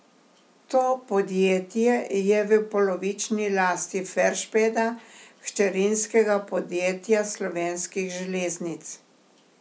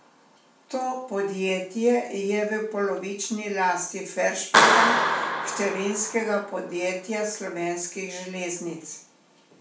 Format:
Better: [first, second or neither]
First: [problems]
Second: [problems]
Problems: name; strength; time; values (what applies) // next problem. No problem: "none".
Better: first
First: none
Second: background sound (Clapping); 1 dB below the speech // room echo; dies away in 0.4 s